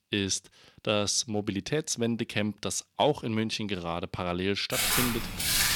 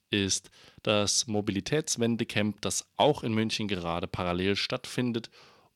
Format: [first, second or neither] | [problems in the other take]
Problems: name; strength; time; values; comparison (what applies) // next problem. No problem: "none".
second | footsteps; loud; from 4.5 s on; peak 6 dB above the speech